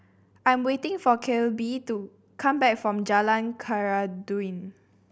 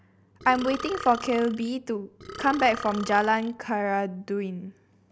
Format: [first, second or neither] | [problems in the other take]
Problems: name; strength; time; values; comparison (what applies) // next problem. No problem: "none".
first | background sound (Burping, eructation); 13 dB below the speech